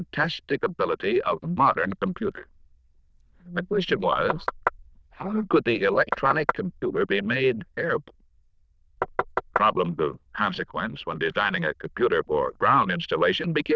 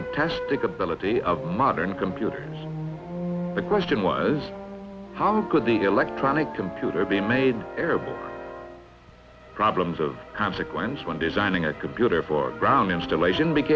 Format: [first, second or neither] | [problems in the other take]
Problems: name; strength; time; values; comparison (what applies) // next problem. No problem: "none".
second | noise reduction (neural diffusion model UNIVERSE++)